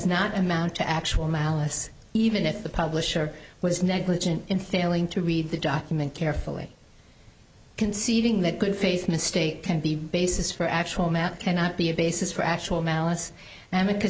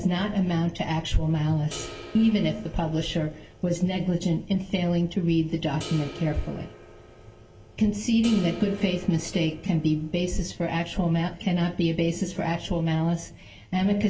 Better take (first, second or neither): first